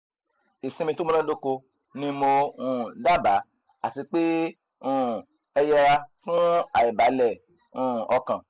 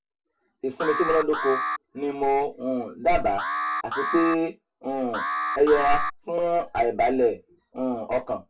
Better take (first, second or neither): first